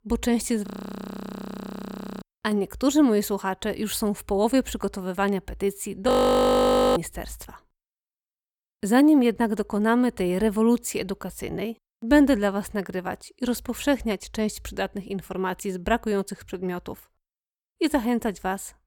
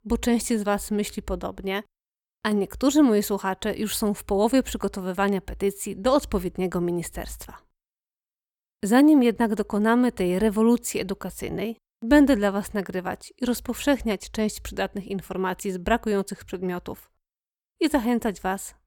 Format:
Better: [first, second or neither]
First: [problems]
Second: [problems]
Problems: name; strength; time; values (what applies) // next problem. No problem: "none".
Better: second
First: audio freezing; at 0.5 s for 1.5 s and at 6 s for 1 s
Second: none